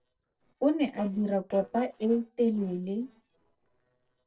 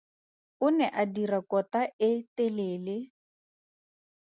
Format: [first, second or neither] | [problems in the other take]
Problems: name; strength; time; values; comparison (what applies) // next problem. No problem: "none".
second | noise reduction (neural separator model SepFormer DNS4)